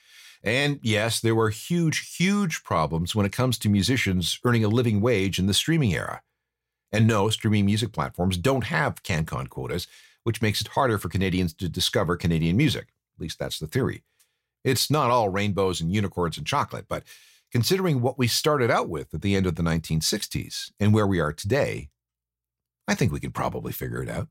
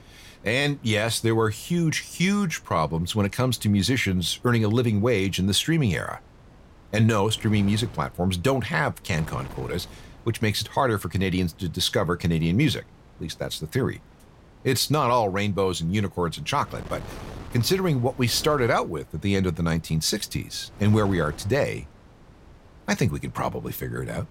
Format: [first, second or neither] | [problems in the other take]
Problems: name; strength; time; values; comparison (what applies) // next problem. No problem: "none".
first | wind noise on the microphone; occasional gusts; 25 dB below the speech